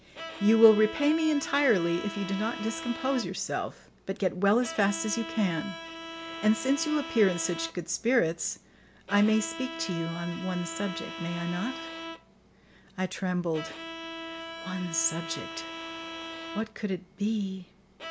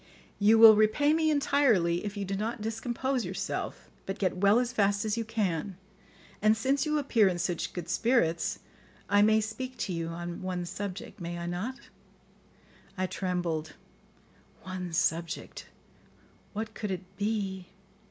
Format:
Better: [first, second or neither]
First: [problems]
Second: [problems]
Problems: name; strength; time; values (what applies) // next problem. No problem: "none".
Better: second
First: background sound (Bowed string instrument); 11 dB below the speech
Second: none